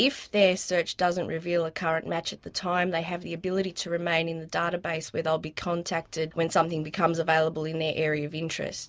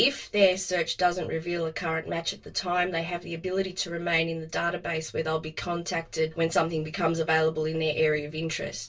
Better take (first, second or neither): first